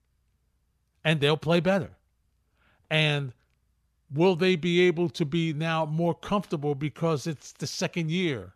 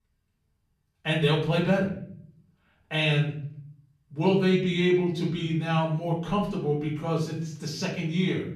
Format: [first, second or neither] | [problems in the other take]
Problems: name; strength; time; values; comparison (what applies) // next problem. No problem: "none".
first | room echo; slight; dies away in 0.6 s // off-mic speech; far